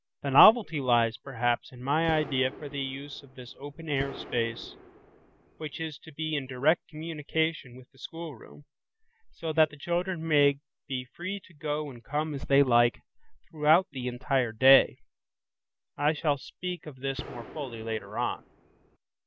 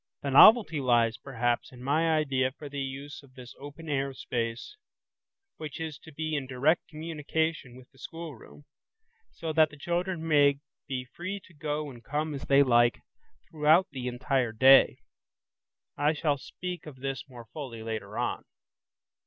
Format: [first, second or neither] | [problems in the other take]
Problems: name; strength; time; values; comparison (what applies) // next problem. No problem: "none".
second | background sound (Gunshot, gunfire); 15 dB below the speech